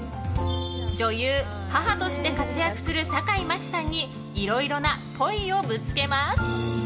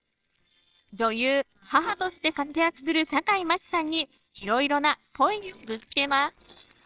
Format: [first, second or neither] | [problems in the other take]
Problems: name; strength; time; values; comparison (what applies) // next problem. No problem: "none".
first | noise reduction (neural separator model SepFormer WHAMR!)